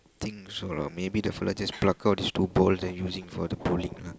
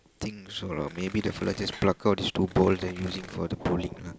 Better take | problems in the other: first | background sound (Tearing); 18 dB below the speech

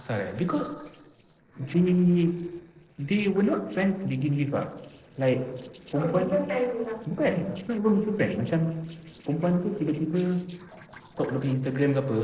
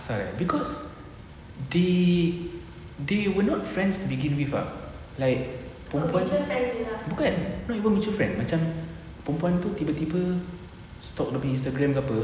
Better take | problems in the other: second | noise reduction (neural separator model SepFormer DNS4)

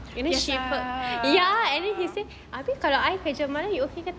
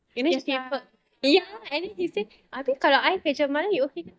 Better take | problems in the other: first | noise reduction (neural mask model DeepFilterNet 3)

